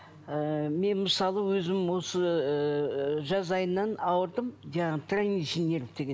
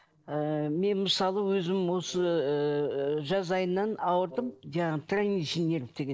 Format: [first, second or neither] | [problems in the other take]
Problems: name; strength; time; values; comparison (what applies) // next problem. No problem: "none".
first | noise reduction (neural separator model SepFormer DNS4)